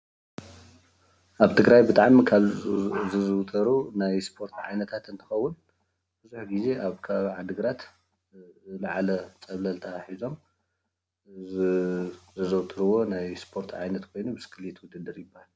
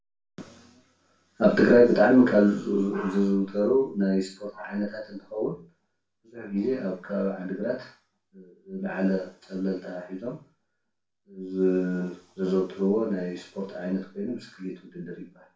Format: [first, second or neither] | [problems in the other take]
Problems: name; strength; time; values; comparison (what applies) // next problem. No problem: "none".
first | room echo; dies away in 0.3 s